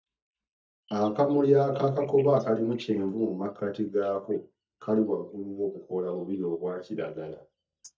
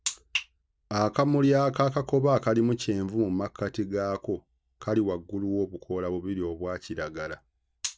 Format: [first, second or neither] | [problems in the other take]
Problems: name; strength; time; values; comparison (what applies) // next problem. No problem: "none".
second | noise reduction (neural mask model DeepFilterNet 3)